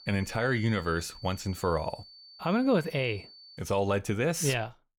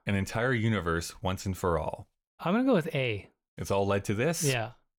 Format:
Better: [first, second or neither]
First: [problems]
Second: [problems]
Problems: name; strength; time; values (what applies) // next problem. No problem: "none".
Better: second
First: high-pitched whine; noticeable; until 3.5 s; 4.5 kHz, 20 dB below the speech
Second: none